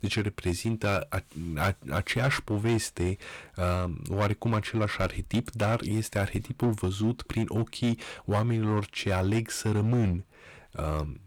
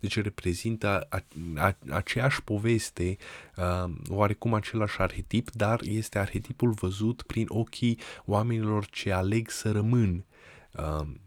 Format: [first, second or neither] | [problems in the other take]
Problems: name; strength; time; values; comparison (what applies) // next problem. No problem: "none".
second | distortion; slight; 7% of the sound clipped